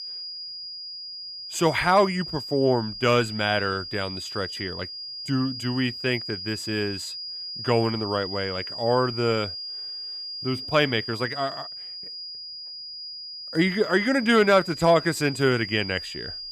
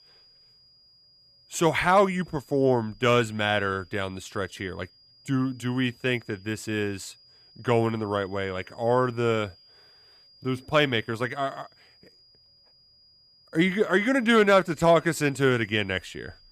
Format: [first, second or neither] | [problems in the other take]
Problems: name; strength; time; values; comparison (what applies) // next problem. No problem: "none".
second | high-pitched whine; loud; throughout; 5 kHz, 9 dB below the speech; faint in the second